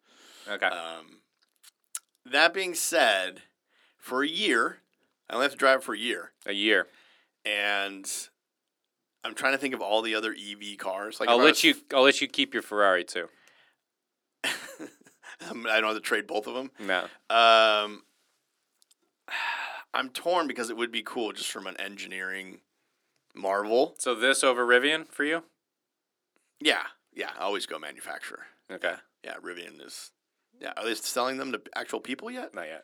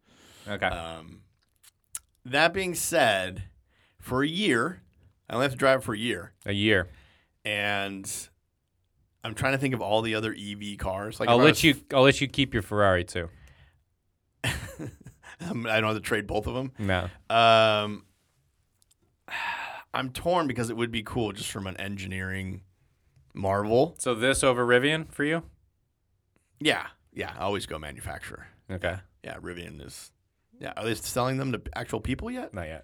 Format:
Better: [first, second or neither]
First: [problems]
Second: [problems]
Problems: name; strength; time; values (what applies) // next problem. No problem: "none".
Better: second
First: thin; very slightly; fading below 250 Hz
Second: none